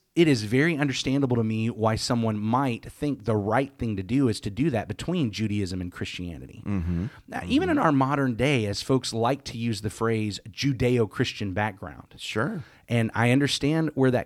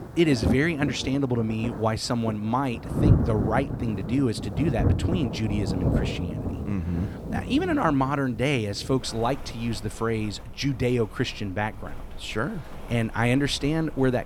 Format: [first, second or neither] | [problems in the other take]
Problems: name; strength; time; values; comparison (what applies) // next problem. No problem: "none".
first | rain or running water; loud; throughout; 3 dB below the speech